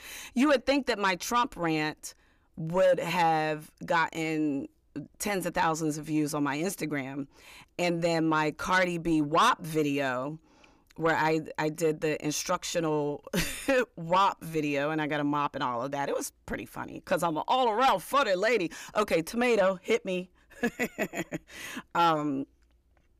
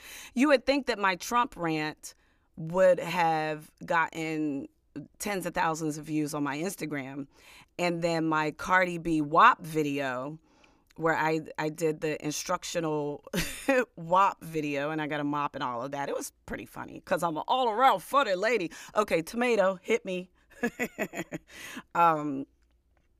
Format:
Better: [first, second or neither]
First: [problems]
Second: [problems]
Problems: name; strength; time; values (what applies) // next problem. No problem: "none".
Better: second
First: distortion; slight; 10 dB below the speech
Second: none